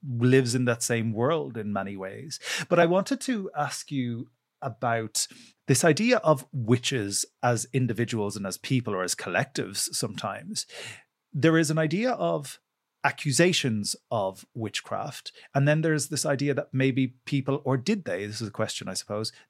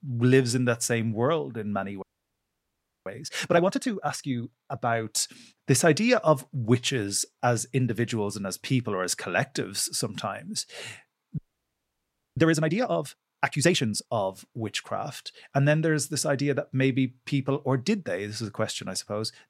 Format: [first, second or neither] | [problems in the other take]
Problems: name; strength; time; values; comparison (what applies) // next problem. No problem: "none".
first | audio freezing; at 2 s for 1 s and at 11 s for 1 s